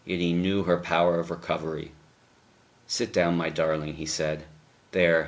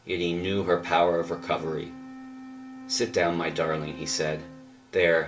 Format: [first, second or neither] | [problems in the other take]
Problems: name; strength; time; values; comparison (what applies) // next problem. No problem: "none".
first | background sound (Wind instrument, woodwind instrument); 15 dB below the speech // room echo; dies away in 0.2 s